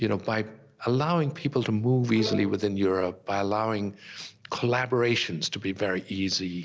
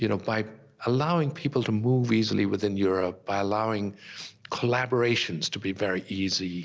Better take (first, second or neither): second